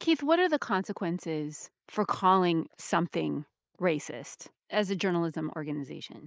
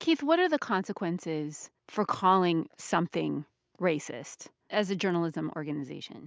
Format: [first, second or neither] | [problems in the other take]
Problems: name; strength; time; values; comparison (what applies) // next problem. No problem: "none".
second | noise reduction (neural mask model Resemble Enhance denoiser)